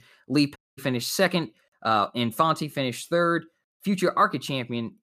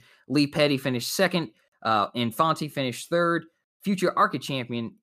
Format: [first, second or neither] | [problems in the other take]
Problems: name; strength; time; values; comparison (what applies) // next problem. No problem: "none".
second | audio cutting out; at 0.5 s